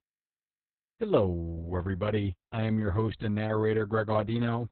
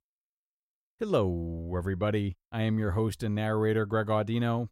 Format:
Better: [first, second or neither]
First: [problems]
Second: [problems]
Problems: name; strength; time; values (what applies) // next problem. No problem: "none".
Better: second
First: garbled, watery; badly; nothing above 4 kHz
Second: none